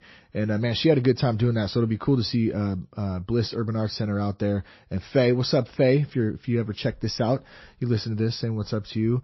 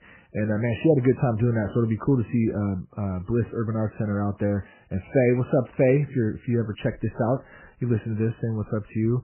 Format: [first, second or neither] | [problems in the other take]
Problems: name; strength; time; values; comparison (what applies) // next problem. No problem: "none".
first | garbled, watery; badly; nothing above 2.5 kHz; slightly in the first